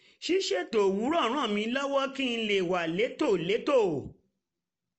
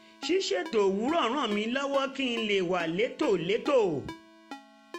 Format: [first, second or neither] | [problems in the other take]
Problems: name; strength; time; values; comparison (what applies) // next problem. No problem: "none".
first | background sound (Ringtone); 18 dB below the speech